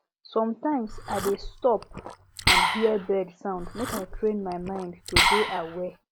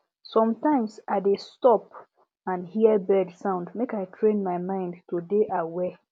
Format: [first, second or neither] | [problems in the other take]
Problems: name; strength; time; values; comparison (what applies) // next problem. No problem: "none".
second | background sound (Liquid); as loud as the speech